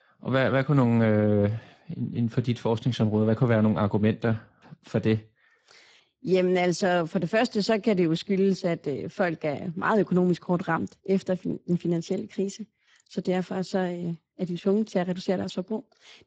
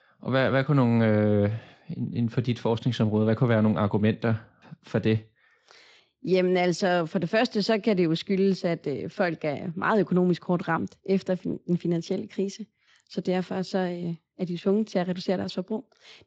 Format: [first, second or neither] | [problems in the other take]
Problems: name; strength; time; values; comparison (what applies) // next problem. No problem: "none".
second | garbled, watery; badly; nothing above 7.5 kHz; slightly in the second